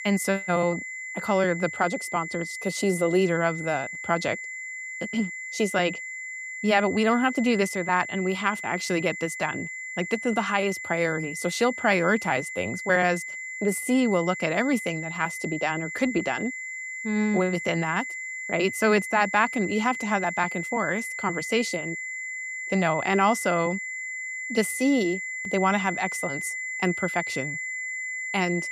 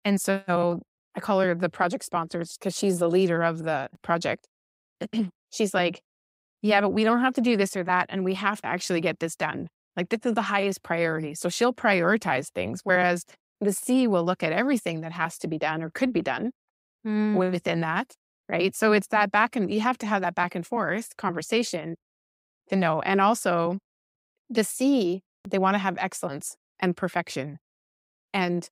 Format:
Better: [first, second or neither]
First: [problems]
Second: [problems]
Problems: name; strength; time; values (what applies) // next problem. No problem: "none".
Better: second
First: high-pitched whine; loud; throughout; 2 kHz, 6 dB below the speech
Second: none